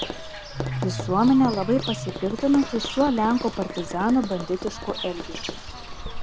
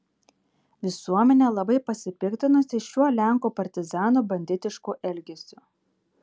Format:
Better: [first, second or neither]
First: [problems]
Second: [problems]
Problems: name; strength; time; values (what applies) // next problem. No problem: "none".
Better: second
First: background sound (Tap + Bird / Fowl); 7 dB below the speech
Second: none